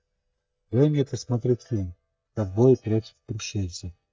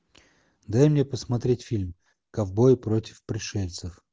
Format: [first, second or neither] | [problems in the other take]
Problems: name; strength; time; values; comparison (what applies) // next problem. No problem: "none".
second | noise reduction (neural mask model DeepFilterNet 3)